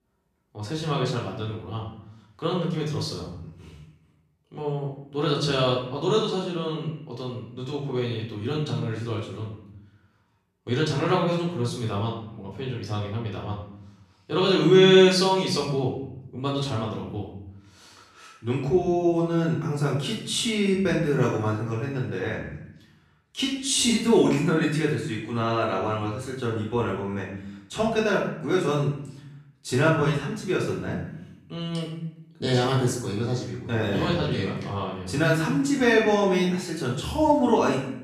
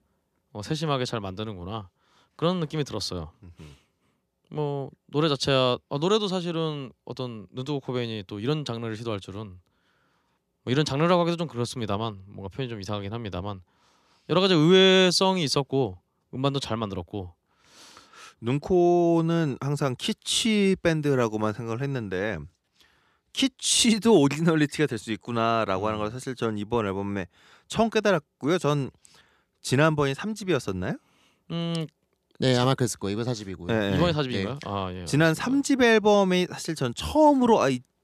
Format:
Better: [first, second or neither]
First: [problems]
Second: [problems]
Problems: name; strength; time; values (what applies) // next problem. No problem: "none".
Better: second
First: room echo; noticeable; dies away in 0.7 s // off-mic speech; far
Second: none